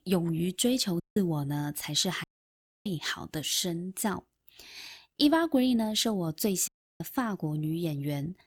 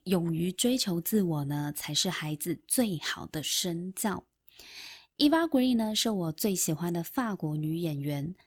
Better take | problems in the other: second | audio cutting out; at 1 s, at 2 s for 0.5 s and at 6.5 s

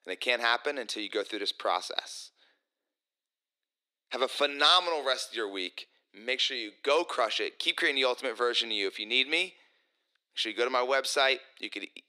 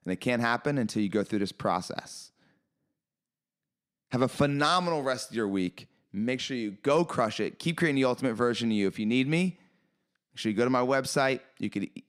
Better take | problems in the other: second | thin; very; fading below 350 Hz

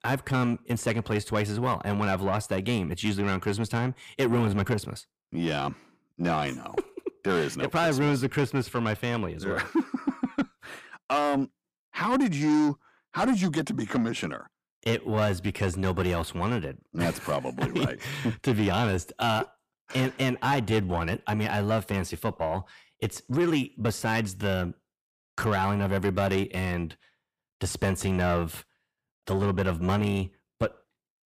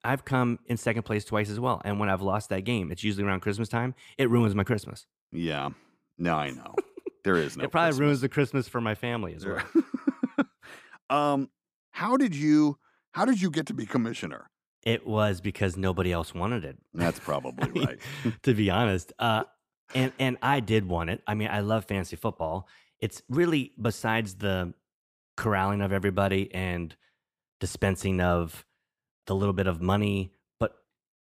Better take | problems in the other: second | distortion; slight; 10 dB below the speech

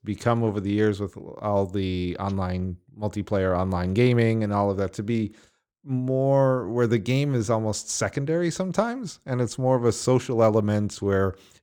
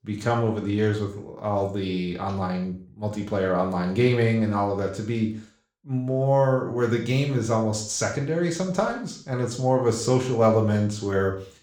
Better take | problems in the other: first | room echo; slight; dies away in 0.4 s // off-mic speech; somewhat distant

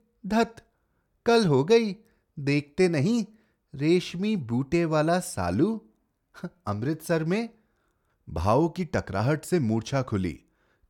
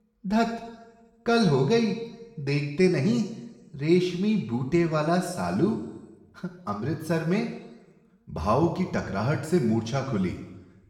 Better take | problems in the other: first | room echo; noticeable; dies away in 1 s // off-mic speech; somewhat distant

